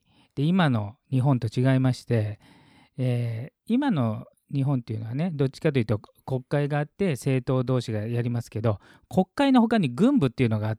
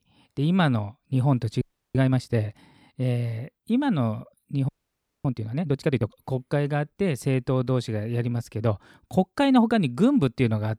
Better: first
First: none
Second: audio freezing; at 1.5 s and at 4.5 s for 0.5 s

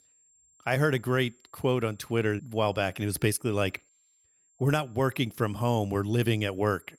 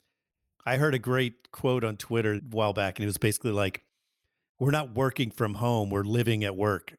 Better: second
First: high-pitched whine; faint; throughout; 7.5 kHz, 35 dB below the speech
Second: none

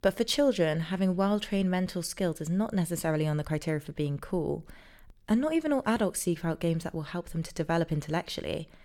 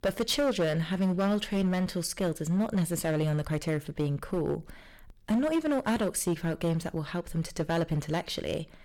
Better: first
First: none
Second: distortion; slight; 9% of the sound clipped

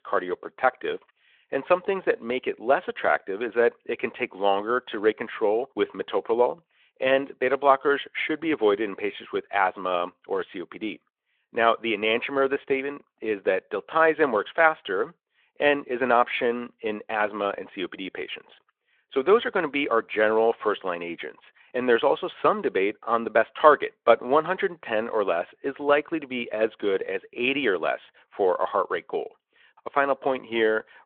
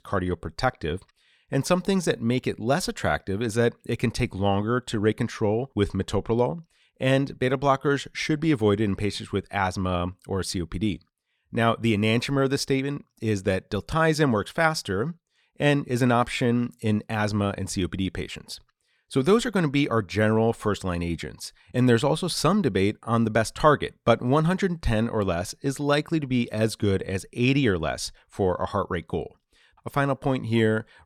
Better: second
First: phone-call audio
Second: none

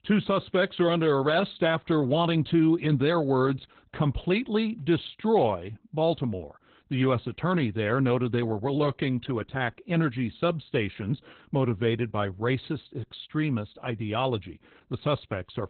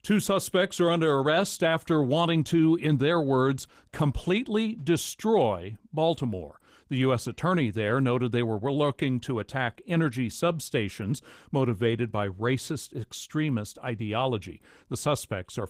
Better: second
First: garbled, watery; badly; nothing above 4 kHz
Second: garbled, watery; slightly; nothing above 15.5 kHz

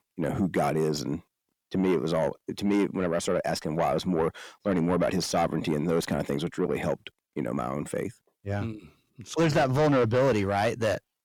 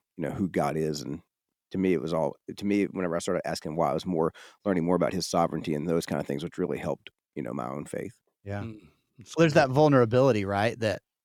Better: second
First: distortion; heavy; 7 dB below the speech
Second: none

